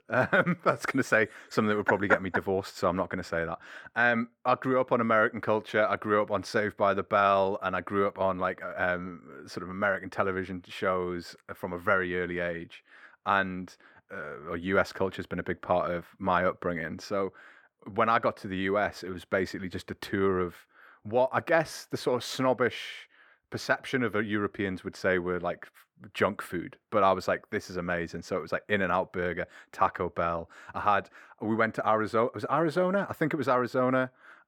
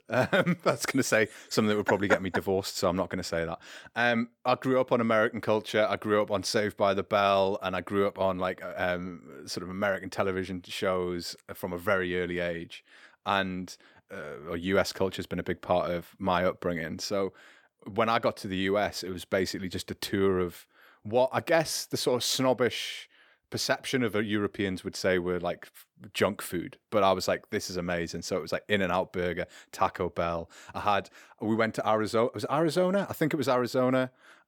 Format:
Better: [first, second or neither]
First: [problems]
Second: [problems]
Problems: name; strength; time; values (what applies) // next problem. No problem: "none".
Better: second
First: muffled; slightly; fading above 3 kHz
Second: none